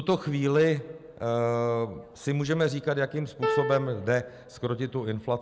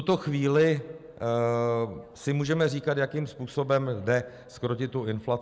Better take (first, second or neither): second